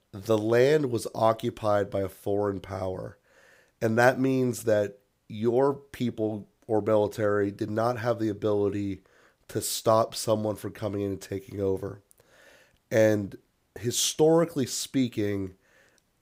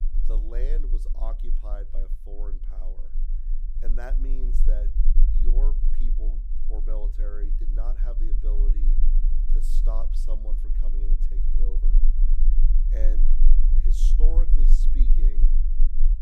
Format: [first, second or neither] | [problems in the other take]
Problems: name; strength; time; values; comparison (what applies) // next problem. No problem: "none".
first | low rumble; loud; throughout; 7 dB below the speech